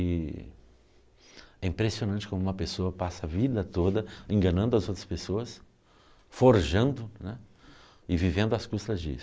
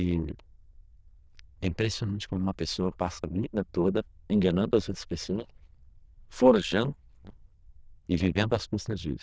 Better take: first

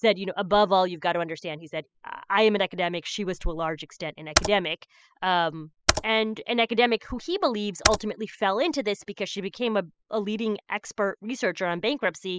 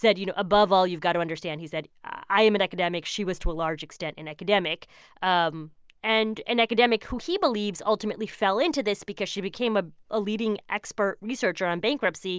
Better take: second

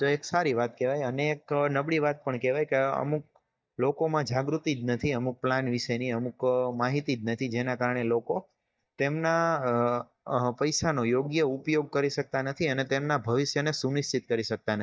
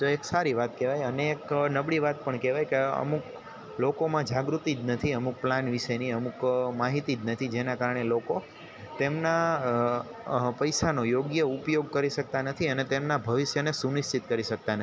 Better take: second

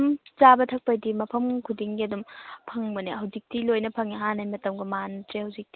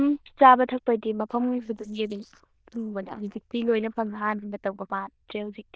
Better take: first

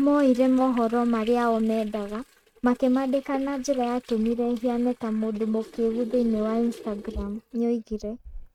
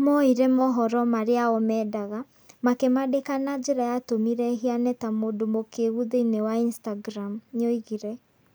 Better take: second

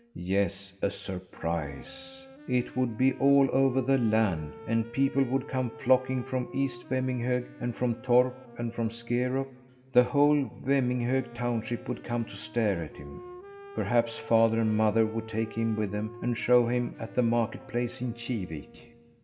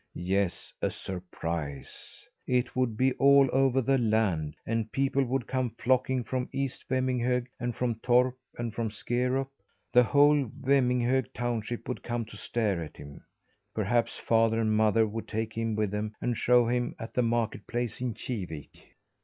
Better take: second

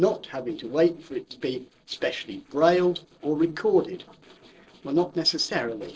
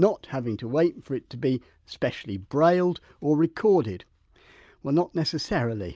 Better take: second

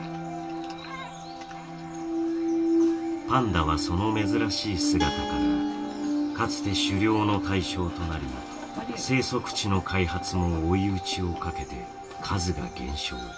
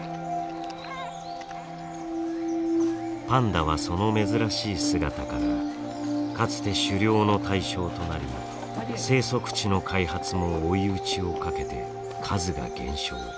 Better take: second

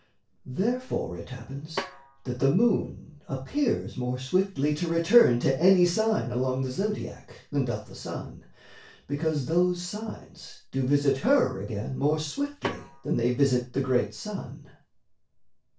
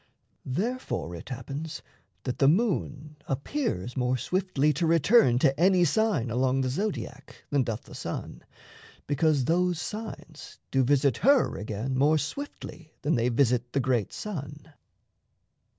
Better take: second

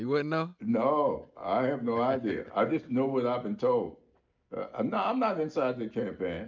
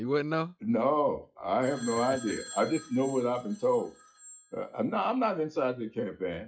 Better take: first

